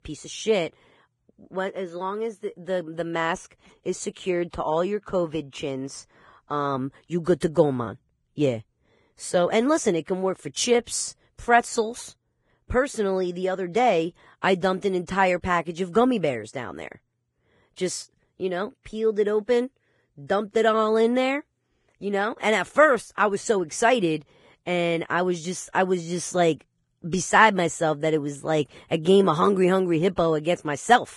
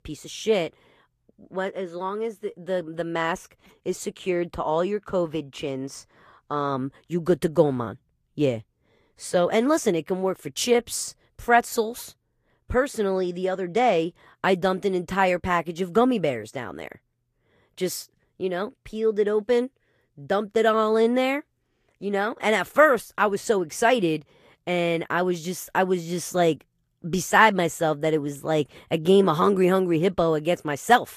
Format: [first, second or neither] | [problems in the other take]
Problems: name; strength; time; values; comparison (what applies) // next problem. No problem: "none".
second | garbled, watery; badly; nothing above 10.5 kHz; slightly in the second